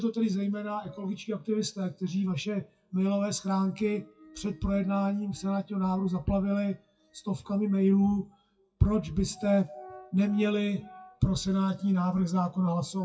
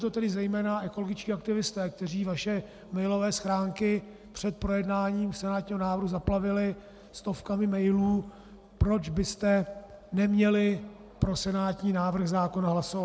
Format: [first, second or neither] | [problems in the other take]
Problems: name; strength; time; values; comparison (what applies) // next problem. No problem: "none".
second | noise reduction (classical method WPE with log-MMSE)